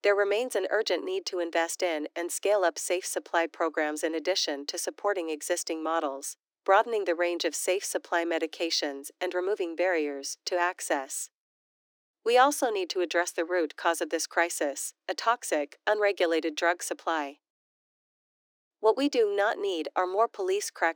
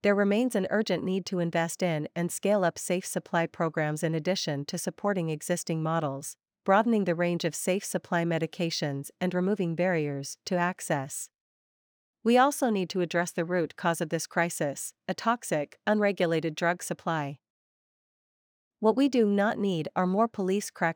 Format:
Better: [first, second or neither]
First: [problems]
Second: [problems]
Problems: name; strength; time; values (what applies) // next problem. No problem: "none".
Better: second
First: thin; somewhat; fading below 300 Hz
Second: none